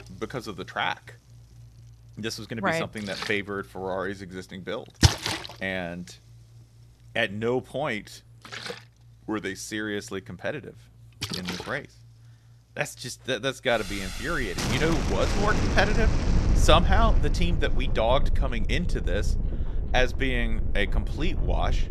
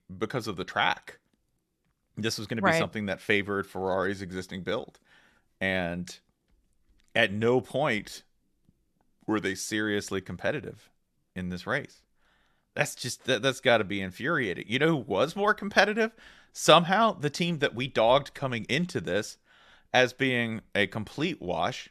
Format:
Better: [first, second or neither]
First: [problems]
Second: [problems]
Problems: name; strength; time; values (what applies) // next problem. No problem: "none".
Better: second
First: rain or running water; very loud; throughout; as loud as the speech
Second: none